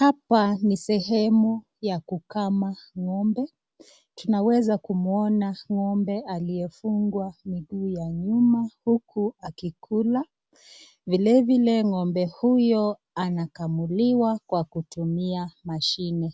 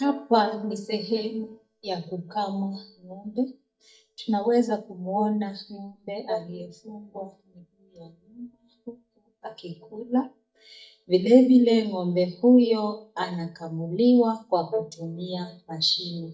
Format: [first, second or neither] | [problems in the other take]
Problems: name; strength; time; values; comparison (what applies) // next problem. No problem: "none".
first | noise reduction (neural mask model DeepFilterNet 3)